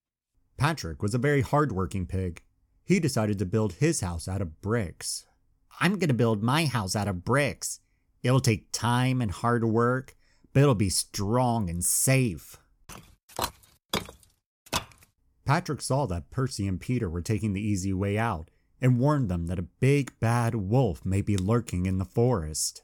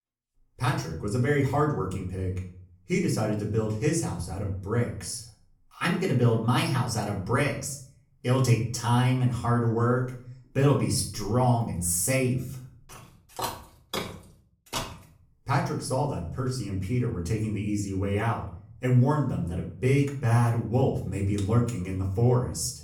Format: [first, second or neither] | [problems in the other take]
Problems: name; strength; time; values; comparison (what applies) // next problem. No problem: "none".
first | off-mic speech; far // room echo; slight; dies away in 0.4 s